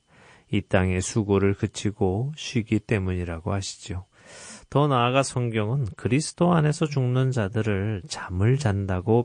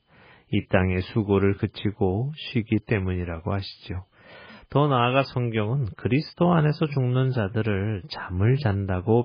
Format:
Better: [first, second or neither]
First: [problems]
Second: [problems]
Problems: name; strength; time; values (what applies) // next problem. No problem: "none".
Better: first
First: garbled, watery; slightly; nothing above 9.5 kHz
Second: garbled, watery; badly; nothing above 5 kHz